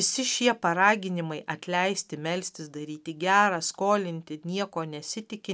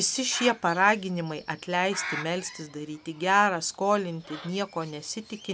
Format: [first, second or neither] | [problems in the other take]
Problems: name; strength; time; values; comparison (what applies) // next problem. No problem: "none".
first | background sound (Bird); 15 dB below the speech